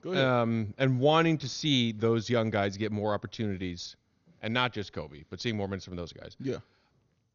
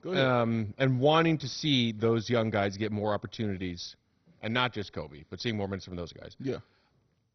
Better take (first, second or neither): first